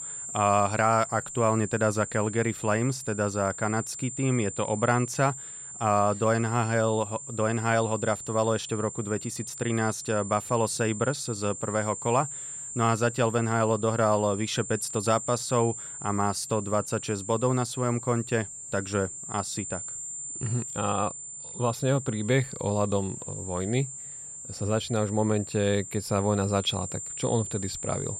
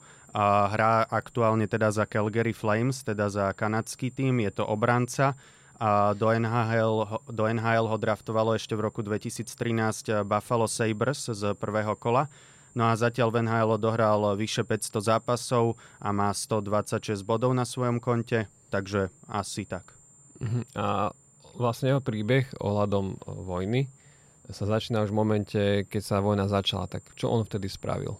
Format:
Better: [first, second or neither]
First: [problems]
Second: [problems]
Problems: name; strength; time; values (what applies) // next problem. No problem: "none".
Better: second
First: high-pitched whine; loud; throughout; 7.5 kHz, 9 dB below the speech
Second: high-pitched whine; faint; throughout; 7.5 kHz, 30 dB below the speech